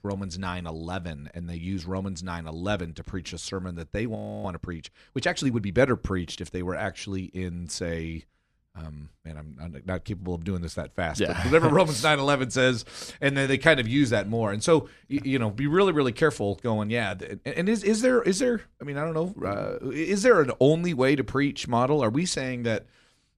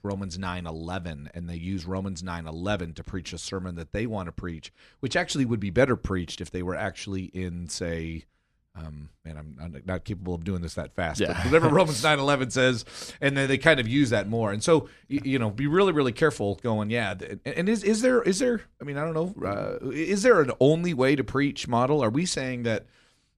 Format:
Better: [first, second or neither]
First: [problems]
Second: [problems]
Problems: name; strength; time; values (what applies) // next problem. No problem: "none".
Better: second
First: audio freezing; at 4 s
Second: none